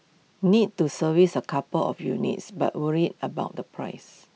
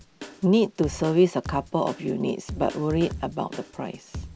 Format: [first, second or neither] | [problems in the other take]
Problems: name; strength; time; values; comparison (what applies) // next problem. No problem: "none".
first | background sound (Drum kit); 14 dB below the speech